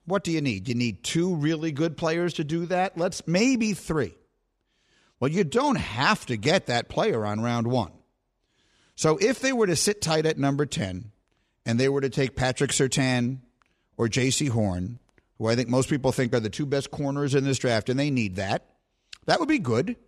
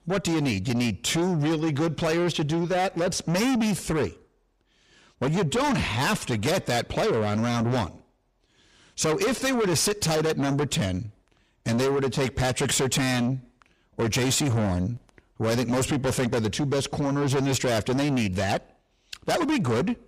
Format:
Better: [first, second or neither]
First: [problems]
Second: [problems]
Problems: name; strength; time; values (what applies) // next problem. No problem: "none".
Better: first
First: none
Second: distortion; heavy; 6 dB below the speech